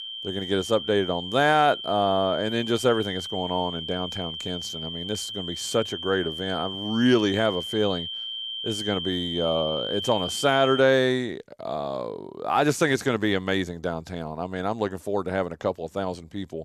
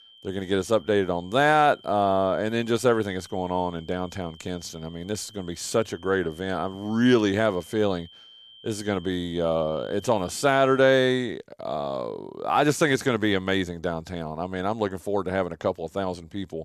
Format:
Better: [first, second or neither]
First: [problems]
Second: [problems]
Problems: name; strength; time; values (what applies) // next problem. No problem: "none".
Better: second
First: high-pitched whine; loud; until 11 s; 3 kHz, 6 dB below the speech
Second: high-pitched whine; faint; until 11 s; 3 kHz, 25 dB below the speech